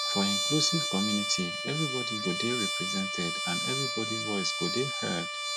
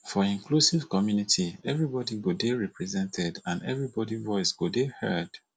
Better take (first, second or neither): second